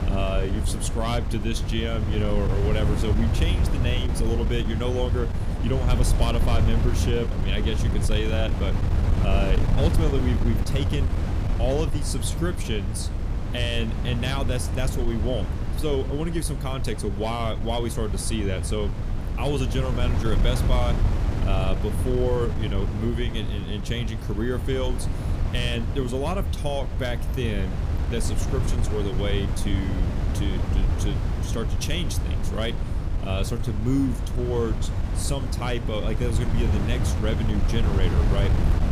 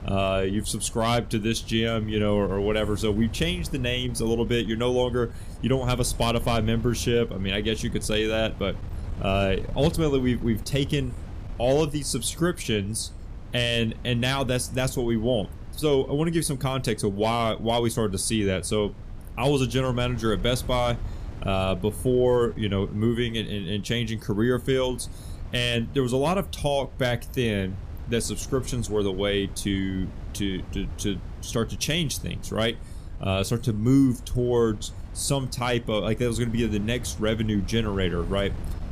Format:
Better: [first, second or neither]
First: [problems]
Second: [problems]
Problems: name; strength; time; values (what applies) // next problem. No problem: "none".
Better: second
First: wind noise on the microphone; heavy; 6 dB below the speech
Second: wind noise on the microphone; occasional gusts; 20 dB below the speech